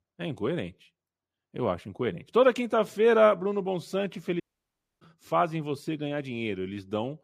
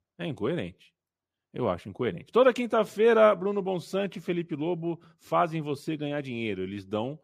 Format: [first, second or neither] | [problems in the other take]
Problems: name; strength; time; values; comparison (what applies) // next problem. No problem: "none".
second | audio cutting out; at 4.5 s for 0.5 s